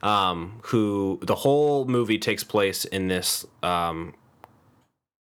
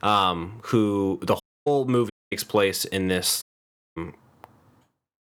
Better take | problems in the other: first | audio cutting out; at 1.5 s, at 2 s and at 3.5 s for 0.5 s

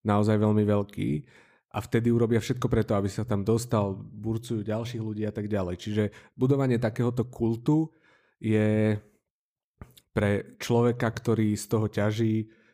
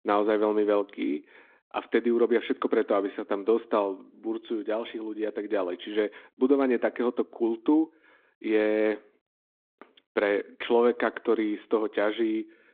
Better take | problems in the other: first | phone-call audio; nothing above 3.5 kHz

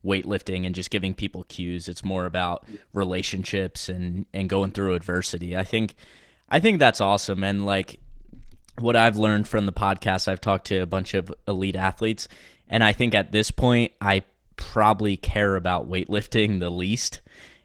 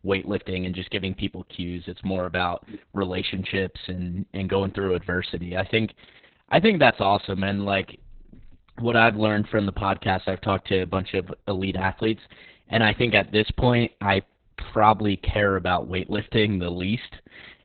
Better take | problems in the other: first | garbled, watery; badly; nothing above 4 kHz; slightly in the first

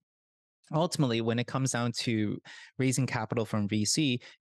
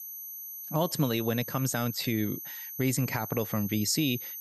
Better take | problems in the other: first | high-pitched whine; loud; throughout; 12 kHz, 8 dB below the speech

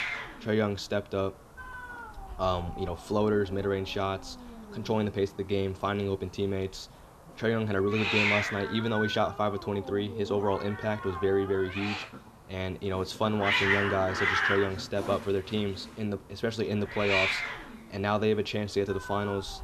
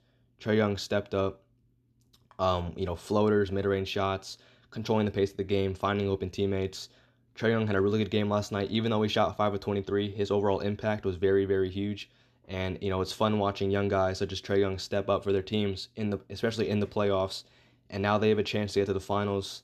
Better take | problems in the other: second | hiss; loud; throughout; 2 dB below the speech

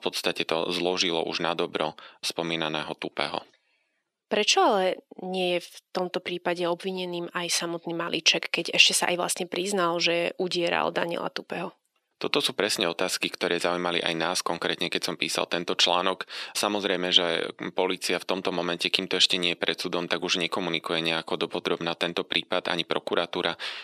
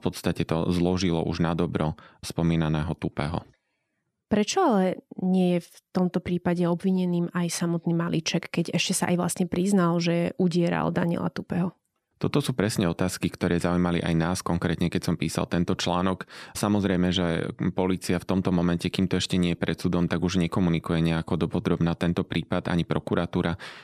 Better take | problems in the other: second | thin; somewhat; fading below 450 Hz

